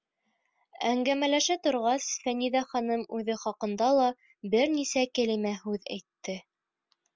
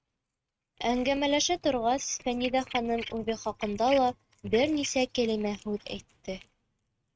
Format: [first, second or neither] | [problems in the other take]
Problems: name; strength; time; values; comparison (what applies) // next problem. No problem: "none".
first | noise reduction (neural mask model RNNoise)